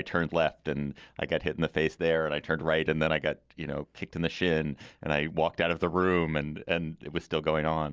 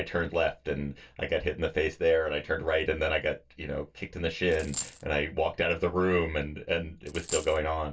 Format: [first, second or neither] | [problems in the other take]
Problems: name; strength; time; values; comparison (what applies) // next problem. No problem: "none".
first | background sound (Coin (dropping)); 10 dB below the speech // room echo; dies away in 0.2 s